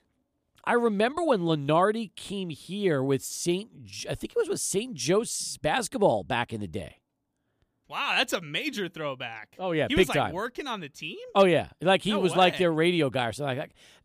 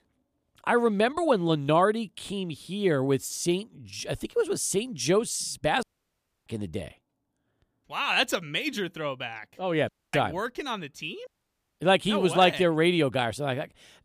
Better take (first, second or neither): first